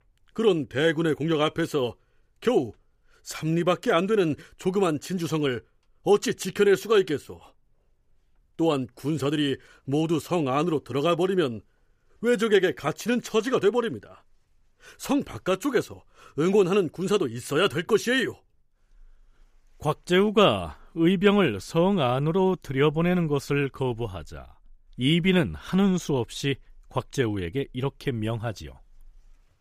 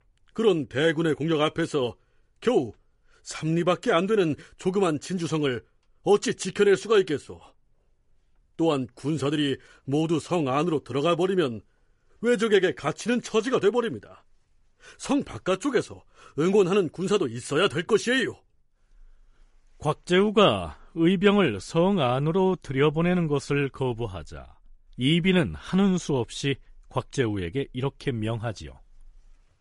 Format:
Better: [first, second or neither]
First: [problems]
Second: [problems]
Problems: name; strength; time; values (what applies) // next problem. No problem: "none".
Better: first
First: none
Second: garbled, watery; slightly; nothing above 11 kHz